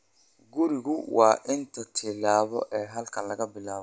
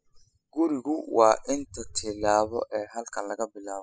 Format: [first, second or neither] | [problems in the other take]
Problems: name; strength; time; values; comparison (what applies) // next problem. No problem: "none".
first | noise reduction (classical method spectral subtraction)